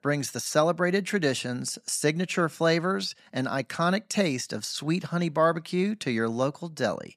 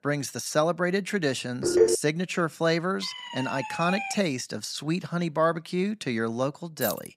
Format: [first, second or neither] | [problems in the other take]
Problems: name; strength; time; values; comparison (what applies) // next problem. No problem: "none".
first | phone ringing; loud; at 1.5 s; peak 6 dB above the speech // siren; noticeable; from 3 to 4 s; peak 4 dB below the speech // jangling keys; very faint; at 7 s; peak 6 dB below the speech